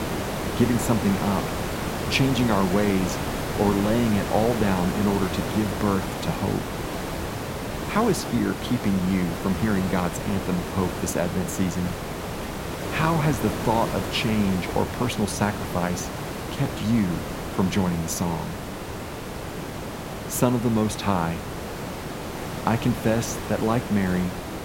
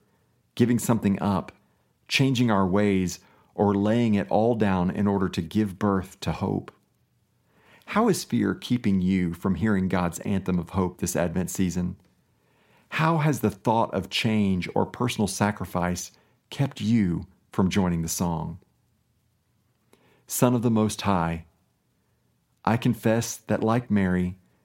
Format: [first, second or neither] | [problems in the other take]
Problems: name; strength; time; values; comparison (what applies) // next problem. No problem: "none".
second | hiss; loud; throughout; 5 dB below the speech